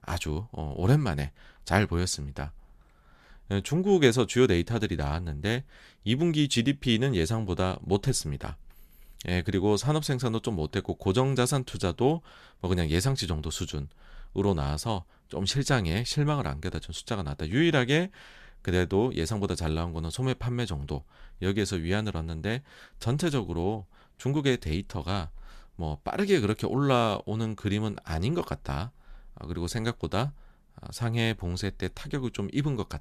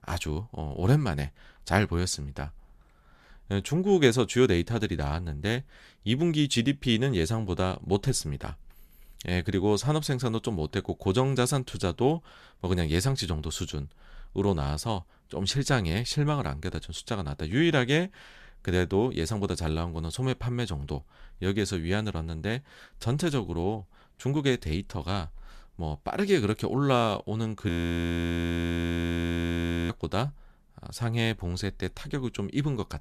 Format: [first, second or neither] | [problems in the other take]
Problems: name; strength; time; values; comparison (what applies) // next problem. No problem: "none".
first | audio freezing; at 28 s for 2 s